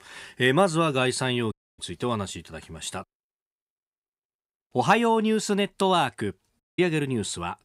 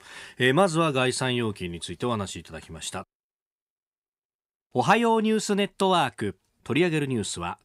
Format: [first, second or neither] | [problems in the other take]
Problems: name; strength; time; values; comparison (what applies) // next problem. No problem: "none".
second | audio cutting out; at 1.5 s and at 6.5 s